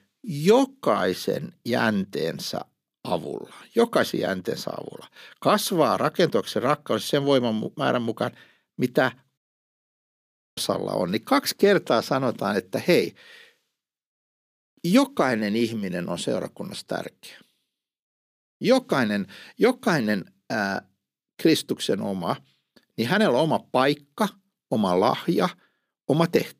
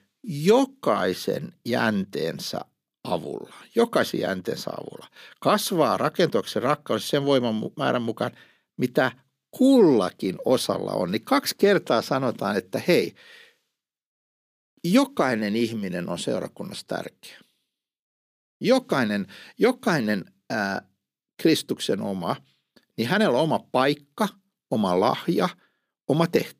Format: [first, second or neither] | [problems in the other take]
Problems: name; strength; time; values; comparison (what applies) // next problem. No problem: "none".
second | audio cutting out; at 9.5 s for 1 s